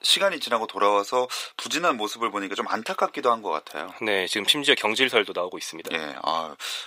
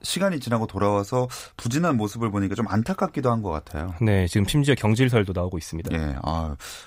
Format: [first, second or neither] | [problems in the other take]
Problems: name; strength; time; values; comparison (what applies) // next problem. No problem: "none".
second | thin; very; fading below 400 Hz